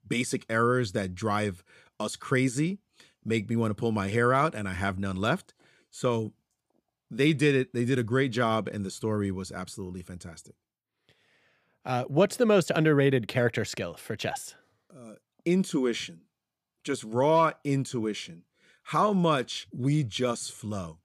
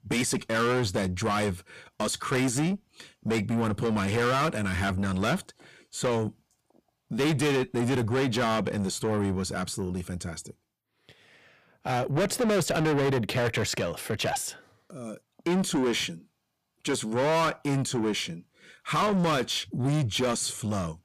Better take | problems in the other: first | distortion; heavy; 5 dB below the speech

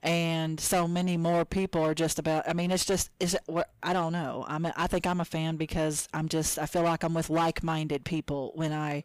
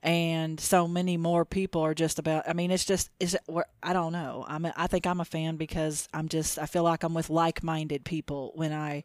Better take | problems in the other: second | distortion; slight; 13% of the sound clipped

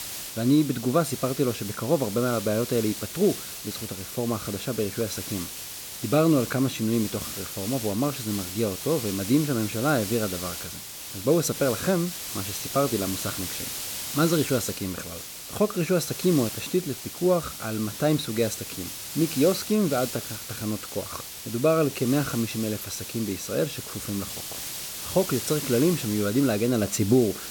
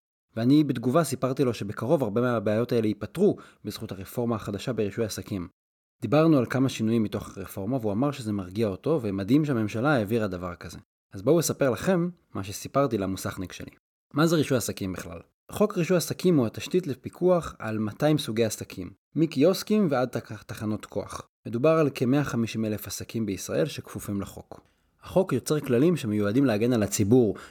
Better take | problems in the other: second | hiss; loud; throughout; 7 dB below the speech

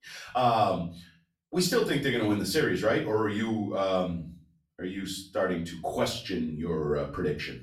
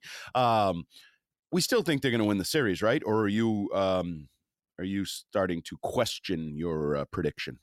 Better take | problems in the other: second | room echo; slight; dies away in 0.3 s // off-mic speech; far

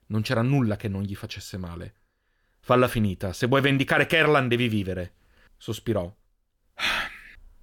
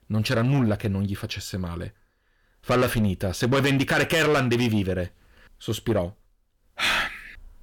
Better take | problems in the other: first | distortion; heavy; 8 dB below the speech

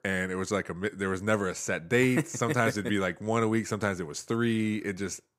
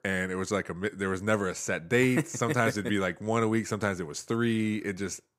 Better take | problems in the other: neither | none

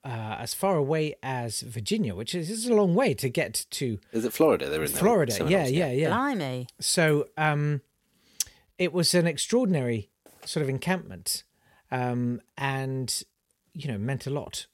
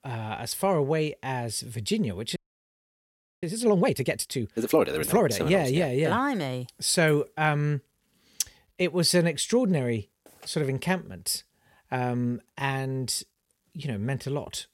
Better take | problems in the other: first | audio freezing; at 2.5 s for 1 s

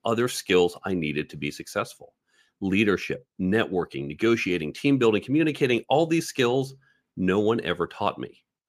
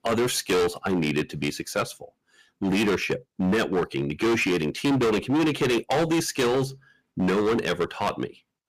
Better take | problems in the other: first | distortion; heavy; 17% of the sound clipped

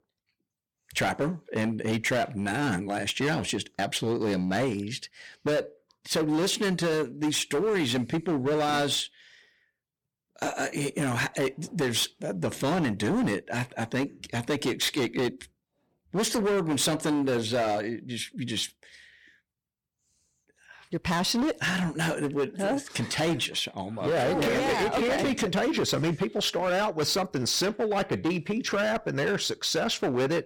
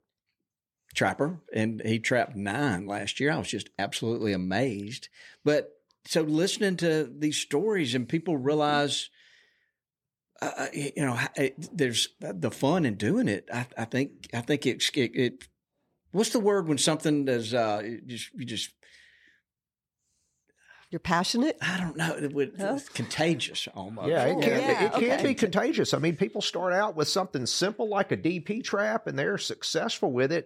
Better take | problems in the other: second | distortion; heavy; 15% of the sound clipped

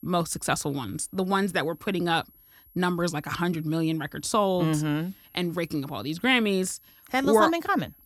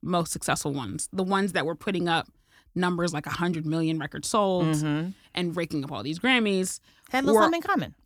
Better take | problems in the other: second | high-pitched whine; faint; throughout; 11.5 kHz, 30 dB below the speech

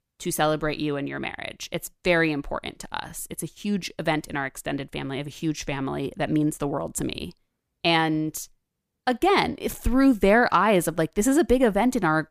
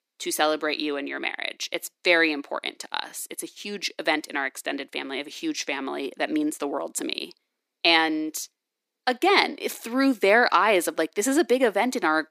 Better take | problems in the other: first | thin; very slightly; fading below 250 Hz

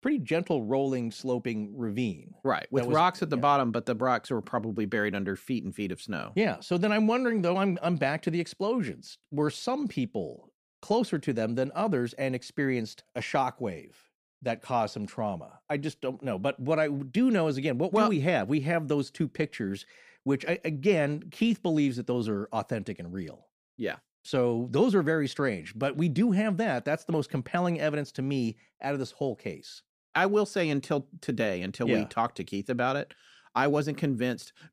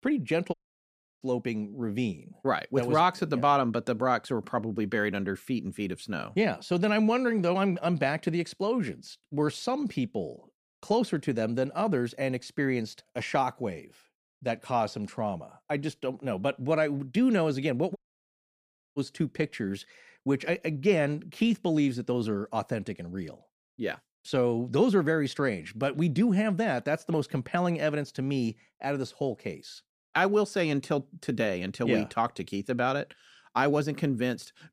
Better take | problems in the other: first | audio cutting out; at 0.5 s for 0.5 s and at 18 s for 1 s

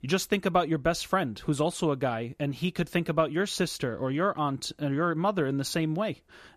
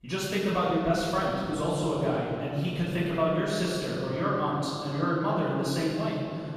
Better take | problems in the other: first | room echo; strong; dies away in 2.5 s // off-mic speech; far

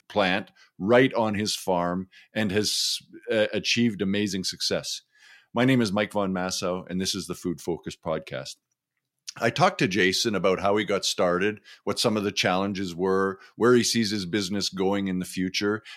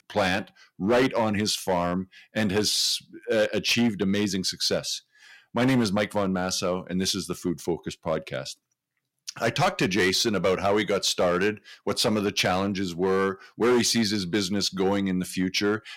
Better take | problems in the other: first | distortion; slight; 5% of the sound clipped

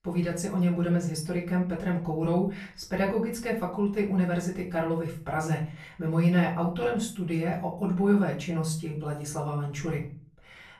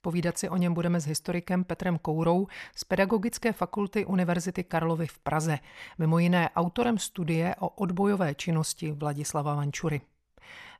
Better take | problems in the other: second | off-mic speech; far // room echo; slight; dies away in 0.4 s

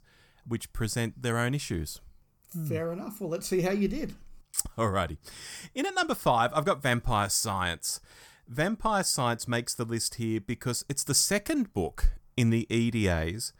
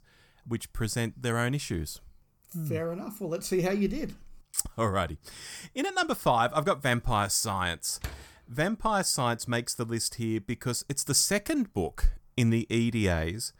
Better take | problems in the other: first | door banging; faint; at 8 s; peak 15 dB below the speech

